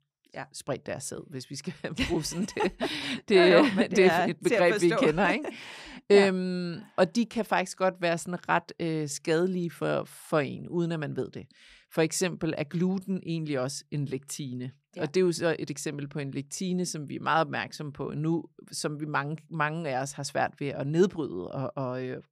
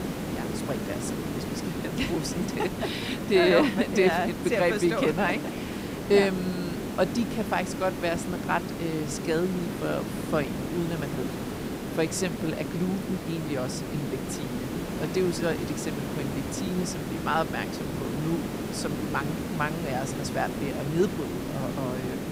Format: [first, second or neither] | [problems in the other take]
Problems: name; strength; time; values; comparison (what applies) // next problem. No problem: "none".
first | hiss; loud; throughout; 4 dB below the speech